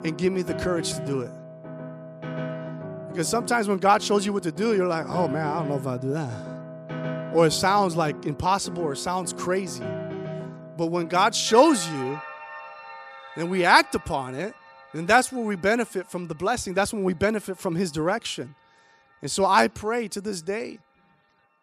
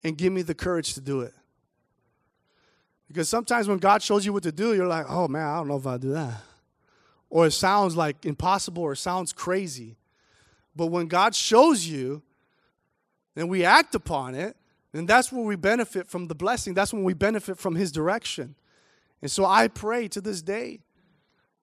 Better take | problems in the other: second | background music; noticeable; throughout; 10 dB below the speech

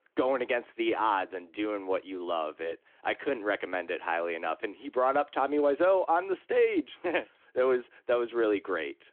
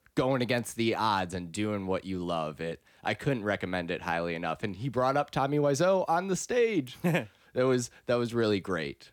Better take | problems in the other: second | phone-call audio

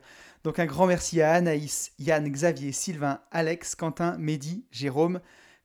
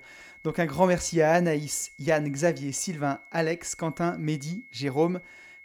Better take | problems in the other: first | high-pitched whine; faint; throughout; 2 kHz, 20 dB below the speech

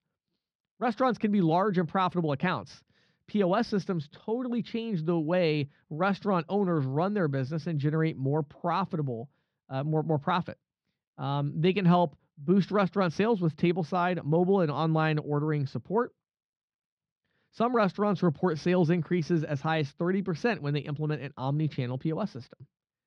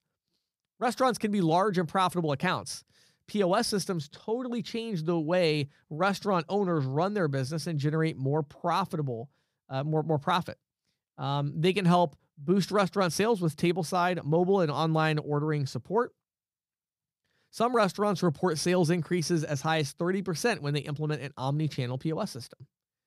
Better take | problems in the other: second | muffled; slightly; fading above 3.5 kHz

